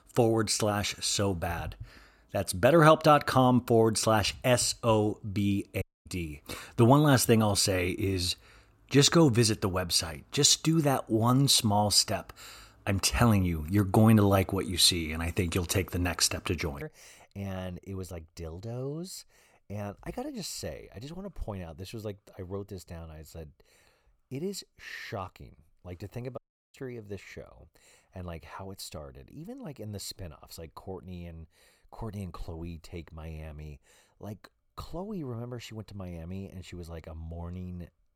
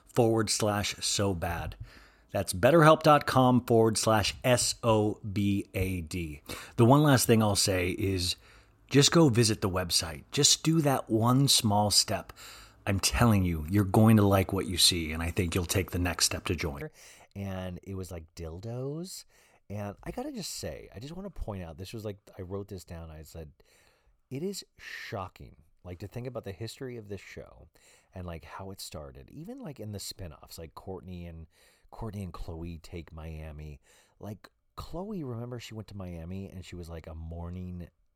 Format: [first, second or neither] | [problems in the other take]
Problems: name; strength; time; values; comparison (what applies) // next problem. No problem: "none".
second | audio cutting out; at 6 s and at 26 s